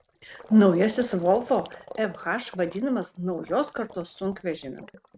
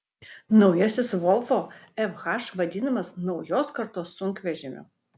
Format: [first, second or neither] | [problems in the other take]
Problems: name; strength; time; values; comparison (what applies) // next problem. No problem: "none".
second | noise reduction (neural mask model RNNoise)